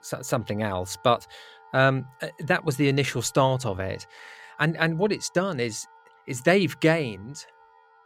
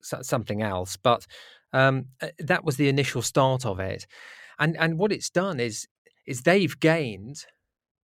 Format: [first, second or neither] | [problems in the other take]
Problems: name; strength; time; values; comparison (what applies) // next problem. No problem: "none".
second | background music; faint; throughout; 30 dB below the speech